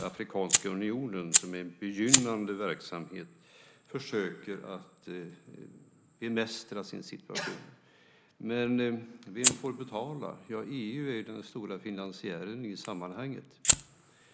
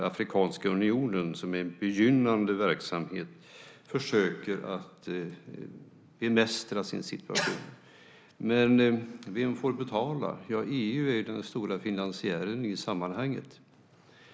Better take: second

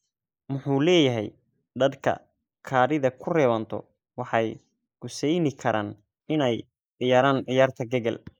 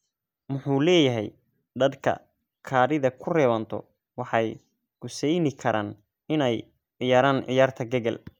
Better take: second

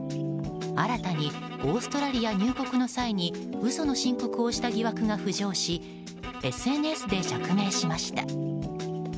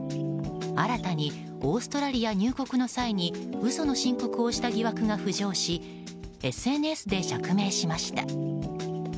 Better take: second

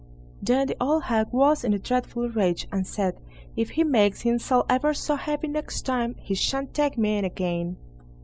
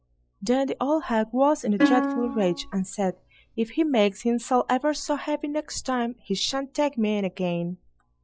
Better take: first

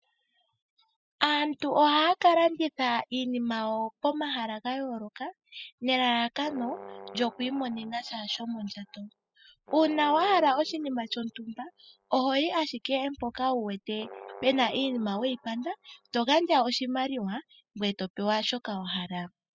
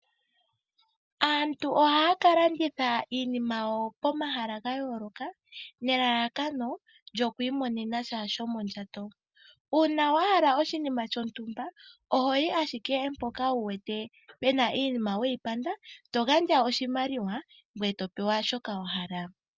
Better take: second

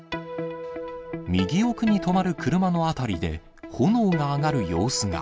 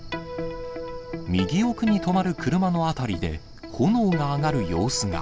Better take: first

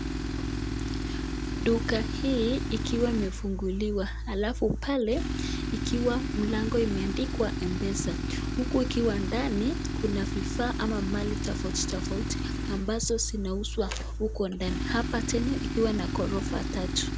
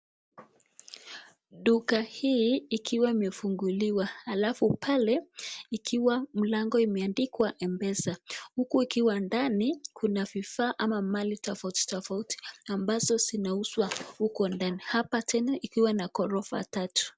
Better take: second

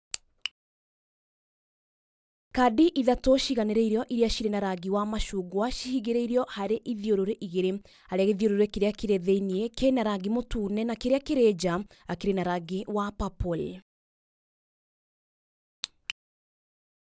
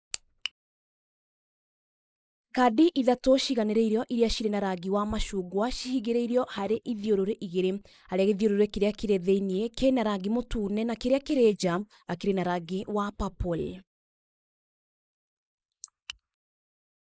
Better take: first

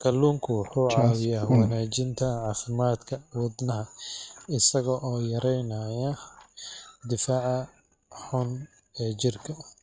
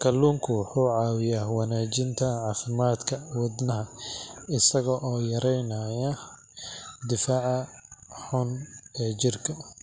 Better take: second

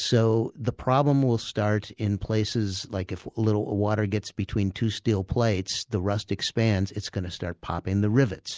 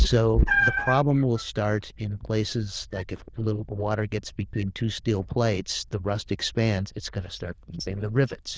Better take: first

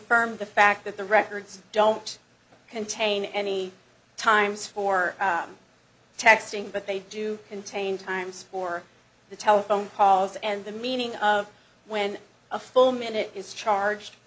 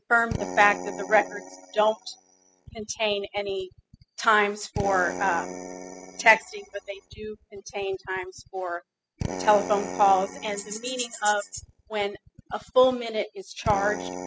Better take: first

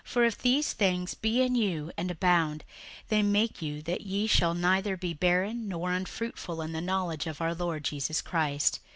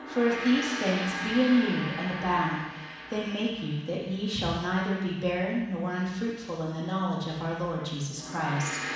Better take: first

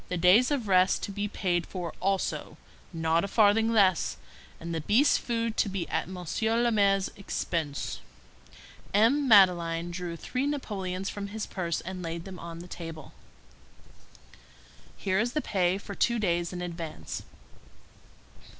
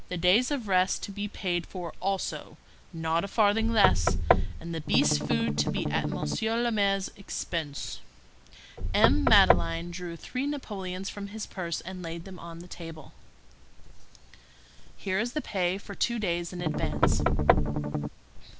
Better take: first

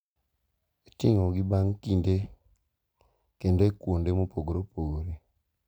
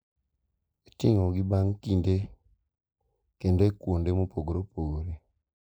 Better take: first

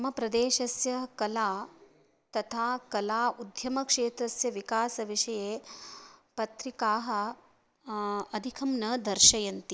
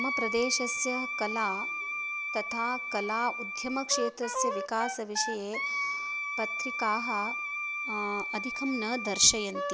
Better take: first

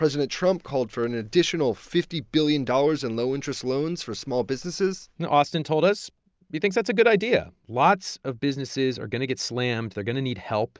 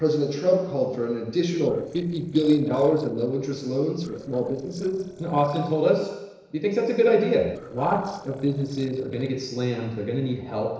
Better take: first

